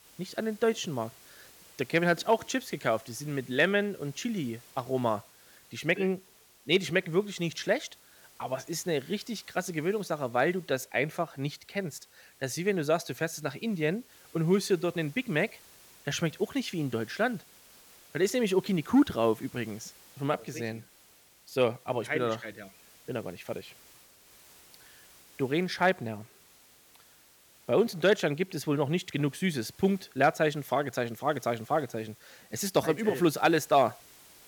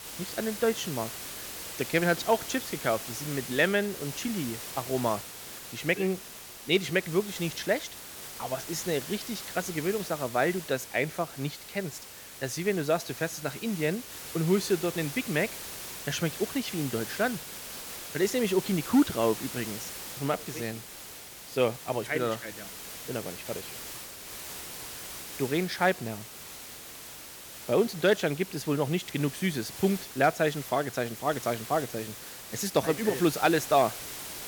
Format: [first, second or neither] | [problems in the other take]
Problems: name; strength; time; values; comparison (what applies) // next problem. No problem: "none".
first | hiss; loud; throughout; 9 dB below the speech; faint in the first